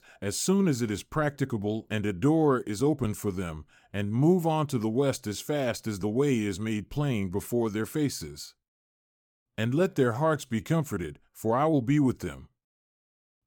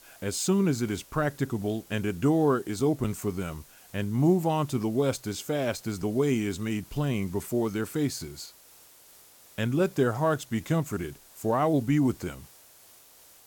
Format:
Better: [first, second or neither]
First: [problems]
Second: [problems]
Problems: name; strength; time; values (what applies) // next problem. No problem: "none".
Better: first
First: none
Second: hiss; faint; throughout; 25 dB below the speech